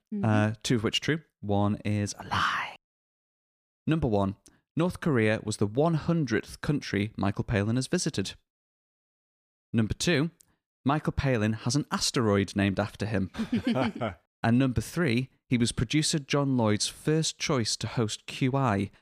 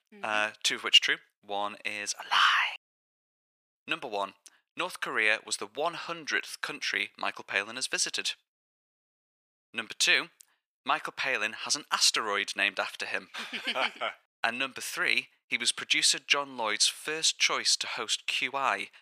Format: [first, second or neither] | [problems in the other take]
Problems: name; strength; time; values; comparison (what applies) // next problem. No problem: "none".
first | thin; very; fading below 900 Hz